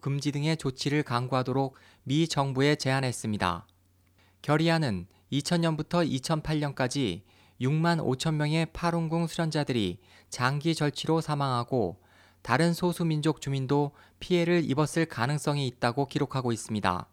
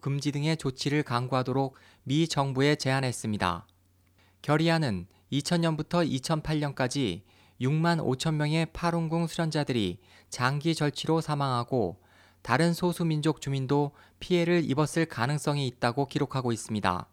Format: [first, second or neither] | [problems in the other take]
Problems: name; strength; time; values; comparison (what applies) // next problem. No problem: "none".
neither | none